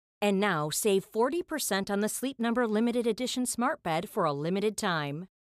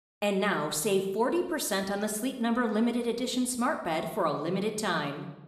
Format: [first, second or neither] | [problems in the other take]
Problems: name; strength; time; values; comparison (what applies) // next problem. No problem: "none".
first | room echo; slight; dies away in 0.7 s